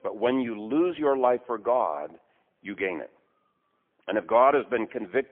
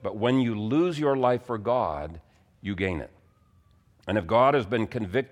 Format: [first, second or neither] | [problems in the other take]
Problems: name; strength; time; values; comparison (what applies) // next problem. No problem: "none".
second | phone-call audio; poor line; nothing above 3.5 kHz